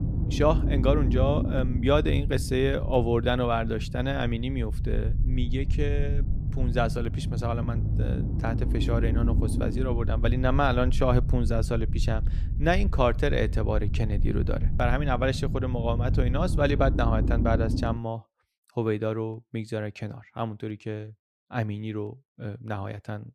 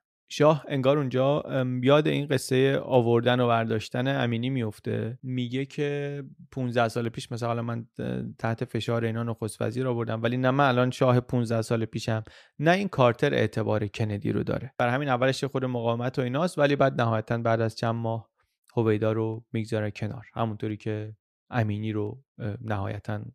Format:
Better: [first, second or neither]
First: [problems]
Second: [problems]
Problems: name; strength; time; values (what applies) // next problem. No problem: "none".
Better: second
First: low rumble; noticeable; until 18 s; 10 dB below the speech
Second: none